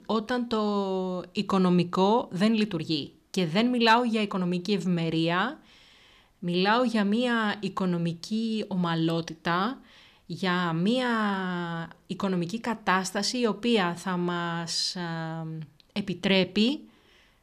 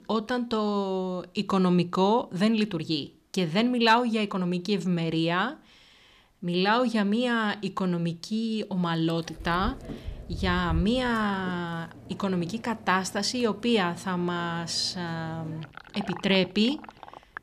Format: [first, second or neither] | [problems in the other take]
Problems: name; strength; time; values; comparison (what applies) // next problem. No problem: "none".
first | household noises; noticeable; from 9 s on; 15 dB below the speech